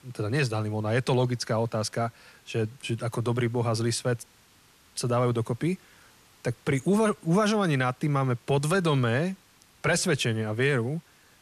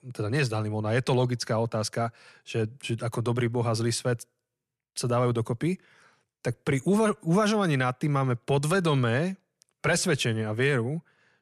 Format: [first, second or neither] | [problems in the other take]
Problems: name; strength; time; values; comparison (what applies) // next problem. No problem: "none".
second | hiss; faint; throughout; 30 dB below the speech